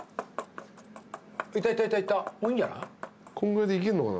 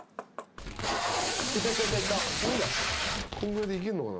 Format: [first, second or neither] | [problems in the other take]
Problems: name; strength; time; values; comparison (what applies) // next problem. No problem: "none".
first | background sound (Packing tape, duct tape); 3 dB above the speech